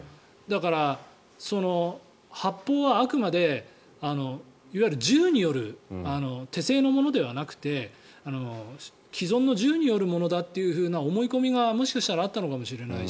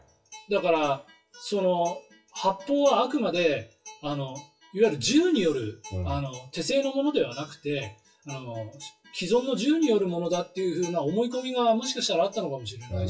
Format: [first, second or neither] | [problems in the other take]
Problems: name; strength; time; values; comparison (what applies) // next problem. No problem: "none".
first | noise reduction (classical method WPE with log-MMSE)